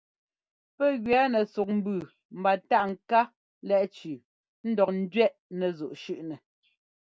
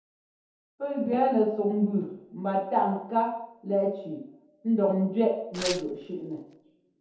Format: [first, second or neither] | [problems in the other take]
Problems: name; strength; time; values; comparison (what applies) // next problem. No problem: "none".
first | background sound (Tearing); 11 dB below the speech // room echo; dies away in 0.8 s